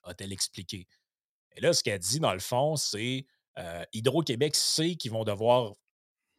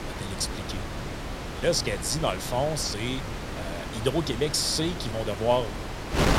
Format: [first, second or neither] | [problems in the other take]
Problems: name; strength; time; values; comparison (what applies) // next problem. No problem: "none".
first | wind noise on the microphone; heavy; 7 dB below the speech